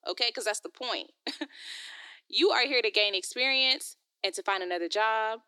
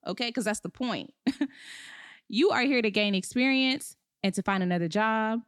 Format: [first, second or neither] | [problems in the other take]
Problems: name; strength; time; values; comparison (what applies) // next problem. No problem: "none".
second | thin; very; fading below 350 Hz